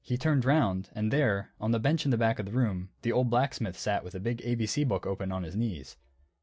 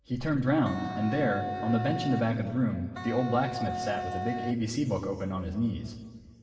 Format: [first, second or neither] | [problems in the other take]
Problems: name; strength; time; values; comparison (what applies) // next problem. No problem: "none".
first | background sound (Wind instrument, woodwind instrument); 7 dB below the speech // room echo; dies away in 2 s